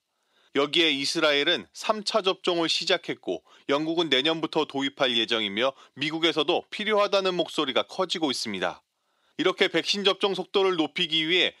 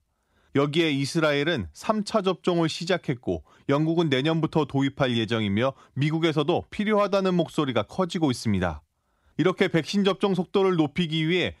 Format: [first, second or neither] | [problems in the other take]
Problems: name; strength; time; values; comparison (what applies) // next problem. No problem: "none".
second | thin; somewhat; fading below 400 Hz